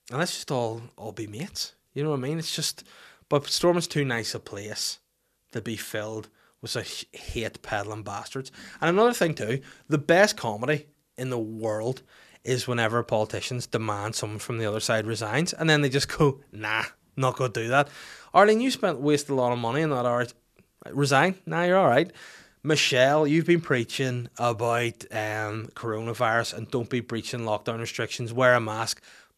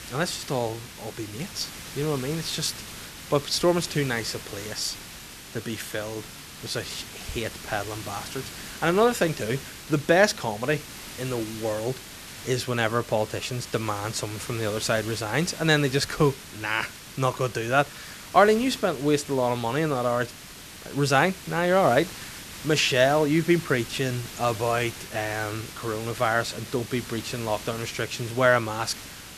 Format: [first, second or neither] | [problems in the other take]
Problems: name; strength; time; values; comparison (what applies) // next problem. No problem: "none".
first | hiss; noticeable; throughout; 15 dB below the speech